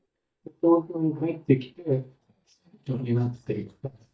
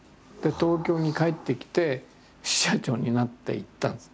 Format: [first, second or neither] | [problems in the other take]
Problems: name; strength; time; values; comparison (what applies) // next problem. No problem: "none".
second | noise reduction (neural mask model DeepFilterNet 3)